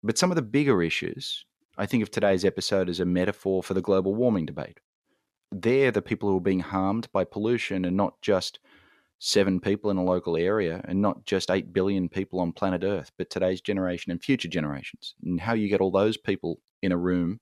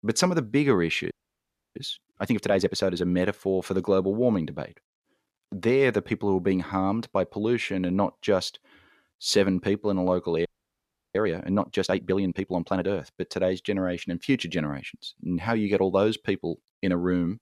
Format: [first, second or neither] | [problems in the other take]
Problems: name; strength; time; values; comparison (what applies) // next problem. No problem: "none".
first | audio freezing; at 1 s for 0.5 s and at 10 s for 0.5 s